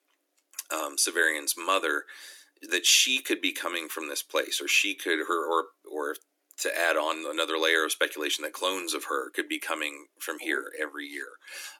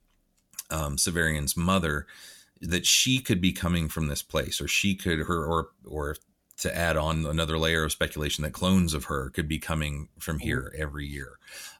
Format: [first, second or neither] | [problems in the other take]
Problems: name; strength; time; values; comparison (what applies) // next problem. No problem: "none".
second | thin; very; fading below 300 Hz